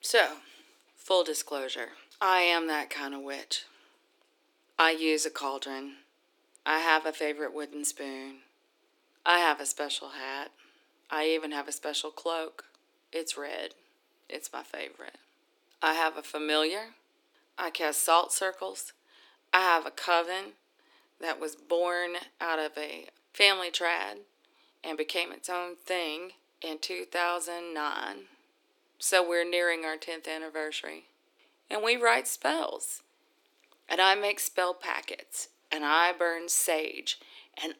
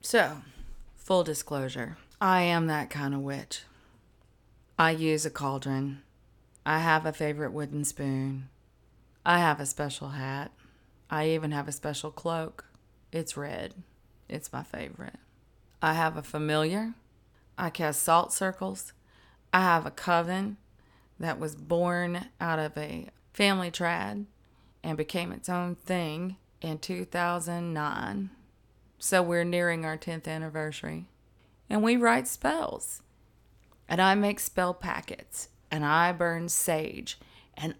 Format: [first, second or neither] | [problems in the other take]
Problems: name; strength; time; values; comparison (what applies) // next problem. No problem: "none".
second | thin; very; fading below 300 Hz